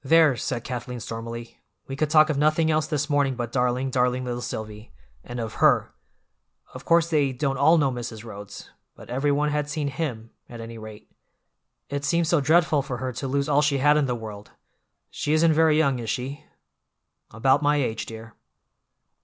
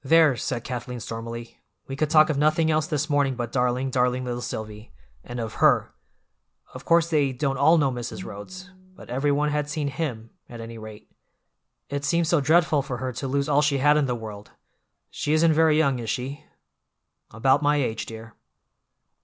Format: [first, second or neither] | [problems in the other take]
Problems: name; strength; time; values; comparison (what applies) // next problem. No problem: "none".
first | background sound (Bowed string instrument); 19 dB below the speech